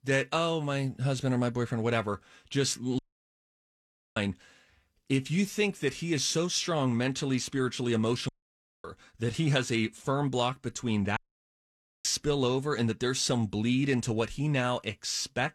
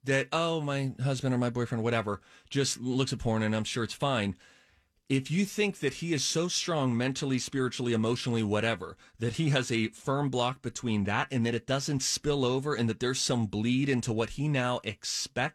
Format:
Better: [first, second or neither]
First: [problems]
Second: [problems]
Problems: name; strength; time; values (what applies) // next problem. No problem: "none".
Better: second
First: audio cutting out; at 3 s for 1 s, at 8.5 s for 0.5 s and at 11 s for 1 s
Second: none